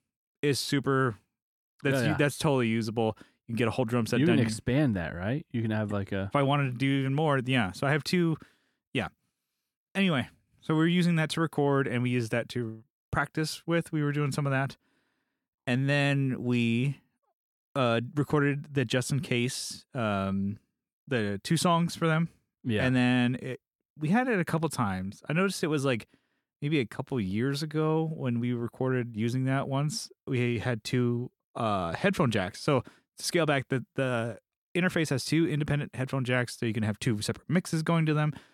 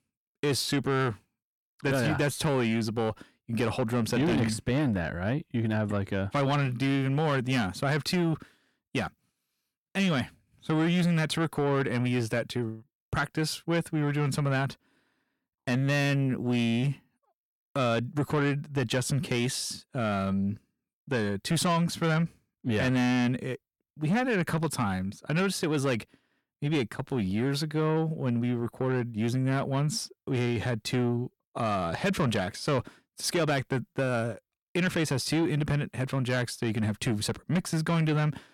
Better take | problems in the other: first | distortion; slight; 10 dB below the speech

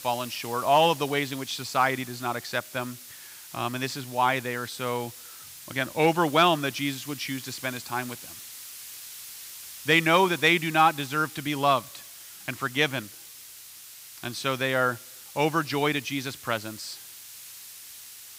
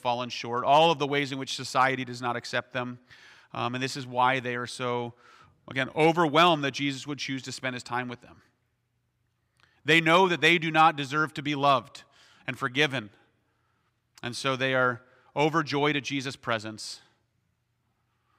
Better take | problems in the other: second | hiss; noticeable; throughout; 15 dB below the speech

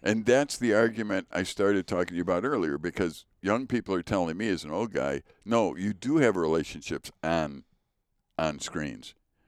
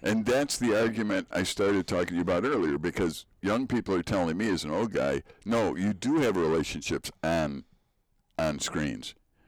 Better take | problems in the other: first | distortion; heavy; 7 dB below the speech

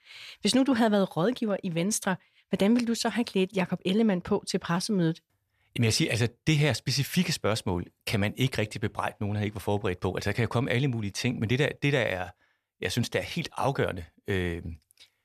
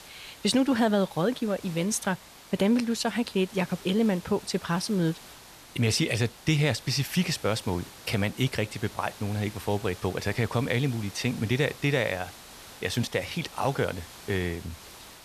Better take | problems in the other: first | hiss; noticeable; throughout; 20 dB below the speech

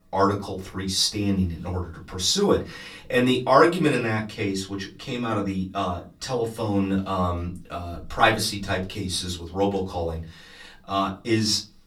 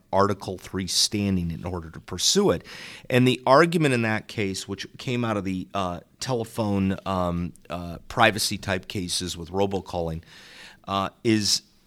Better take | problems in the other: second | off-mic speech; far // room echo; very slight; dies away in 0.3 s

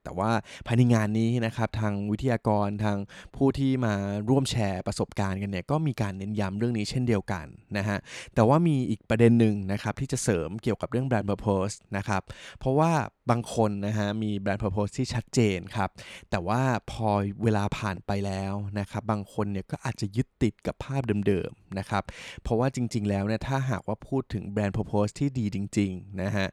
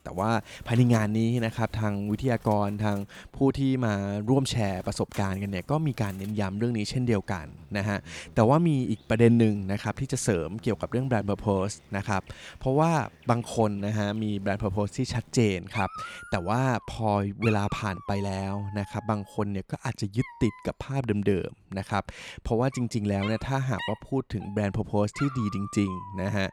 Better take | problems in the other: first | animal sounds; noticeable; throughout; 15 dB below the speech

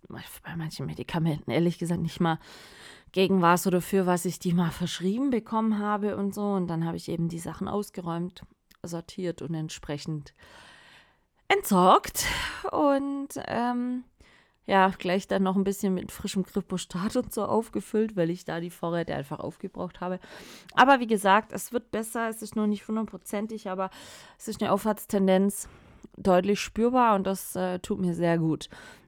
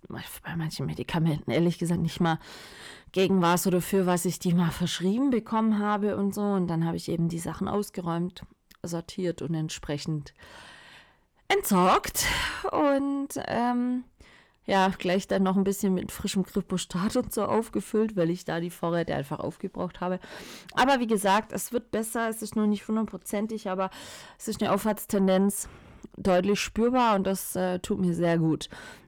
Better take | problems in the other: first | distortion; slight; 10 dB below the speech

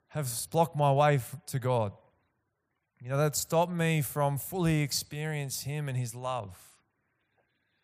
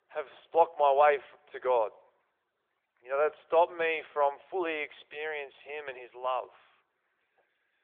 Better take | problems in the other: first | phone-call audio; nothing above 3.5 kHz

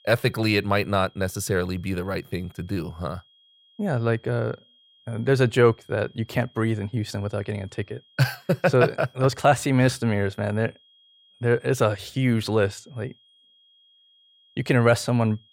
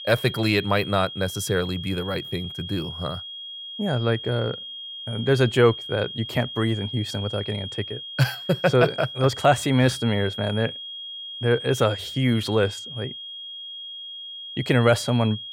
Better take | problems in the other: first | high-pitched whine; loud; throughout; 3.5 kHz, 10 dB below the speech; faint in the first

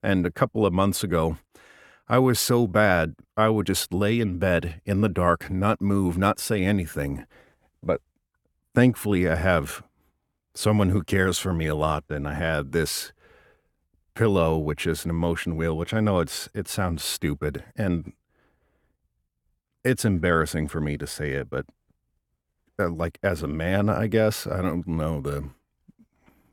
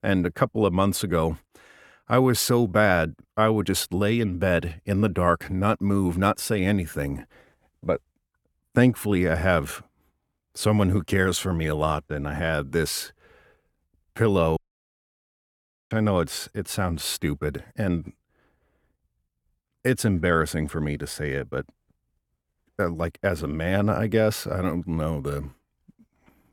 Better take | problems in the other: first | audio cutting out; at 15 s for 1.5 s

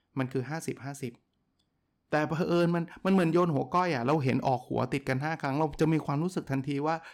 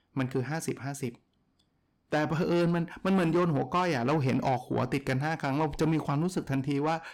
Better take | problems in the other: first | distortion; slight; 10 dB below the speech

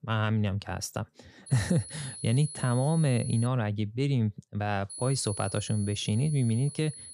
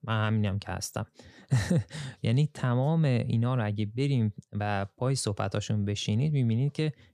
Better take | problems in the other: second | high-pitched whine; noticeable; from 1.5 to 3.5 s and from 5 s on; 10 kHz, 10 dB below the speech

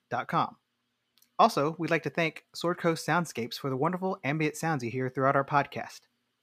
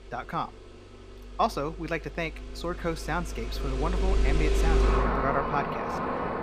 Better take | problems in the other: first | traffic noise; very loud; throughout; 3 dB above the speech

